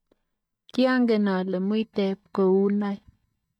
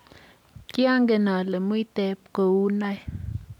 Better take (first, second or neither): second